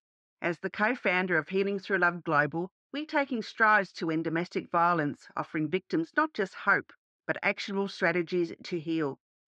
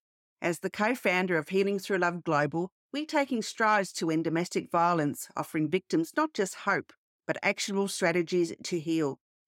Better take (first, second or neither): second